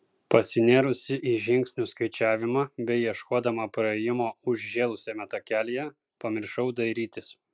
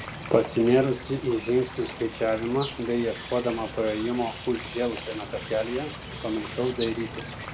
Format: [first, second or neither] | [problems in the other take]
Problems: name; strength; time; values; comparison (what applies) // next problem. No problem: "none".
first | background sound (Water / Bird); 11 dB below the speech // room echo; dies away in 0.5 s